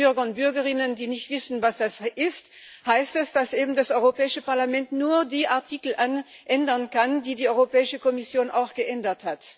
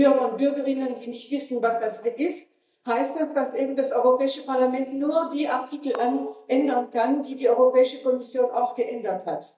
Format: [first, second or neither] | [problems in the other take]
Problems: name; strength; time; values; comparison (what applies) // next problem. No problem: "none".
first | noise reduction (neural mask model DeepFilterNet 3)